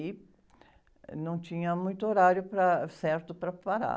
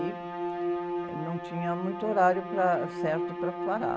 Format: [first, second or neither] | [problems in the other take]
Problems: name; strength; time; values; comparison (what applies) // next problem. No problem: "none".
first | background sound (Bowed string instrument); 3 dB below the speech